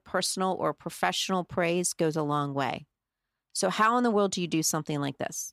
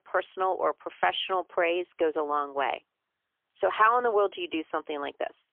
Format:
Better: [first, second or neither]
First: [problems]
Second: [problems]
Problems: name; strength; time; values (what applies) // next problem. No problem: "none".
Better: first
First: none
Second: phone-call audio; poor line; nothing above 3.5 kHz